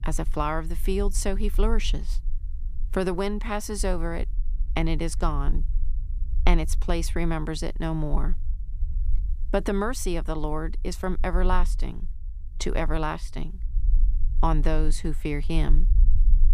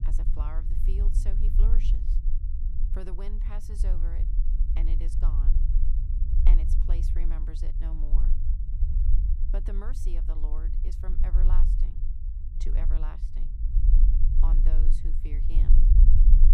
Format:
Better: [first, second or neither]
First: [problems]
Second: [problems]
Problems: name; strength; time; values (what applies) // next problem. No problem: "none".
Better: first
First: low rumble; faint; throughout; 25 dB below the speech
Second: low rumble; loud; throughout; 2 dB below the speech